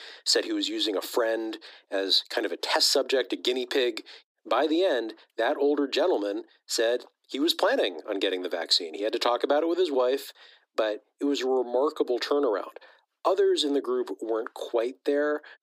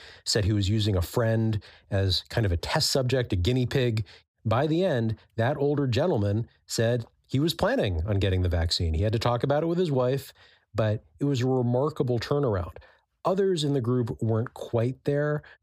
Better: second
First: thin; somewhat; fading below 300 Hz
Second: none

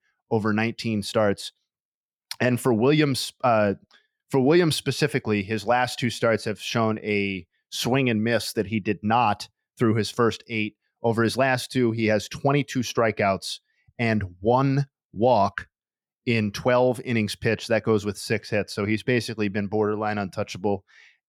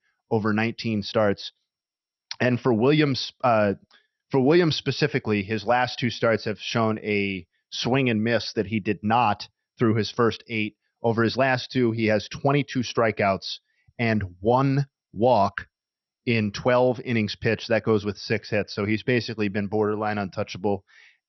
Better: first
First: none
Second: garbled, watery; slightly; nothing above 6 kHz

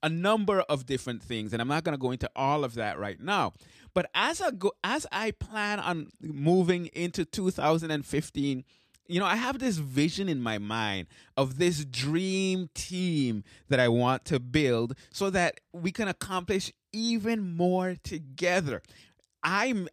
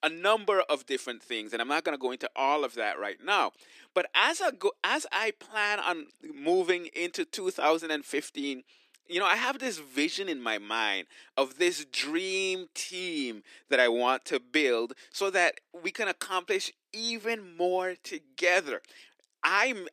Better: first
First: none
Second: thin; somewhat; fading below 300 Hz

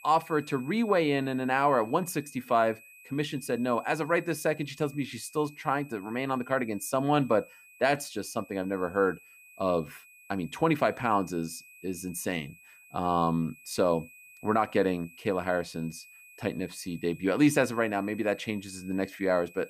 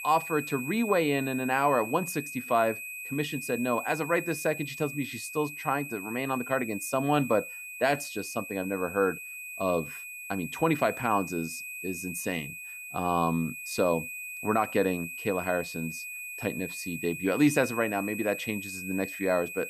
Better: first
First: high-pitched whine; faint; throughout; 2.5 kHz, 20 dB below the speech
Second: high-pitched whine; loud; throughout; 2.5 kHz, 8 dB below the speech

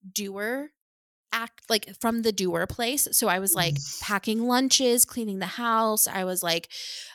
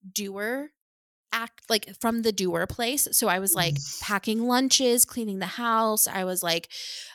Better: neither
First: none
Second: none

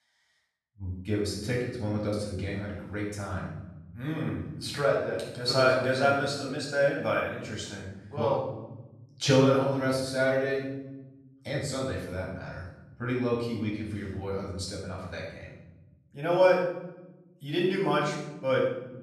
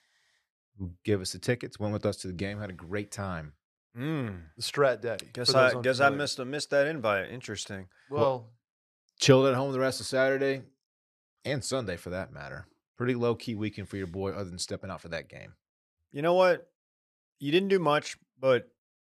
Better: second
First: off-mic speech; far // room echo; noticeable; dies away in 1.1 s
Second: none

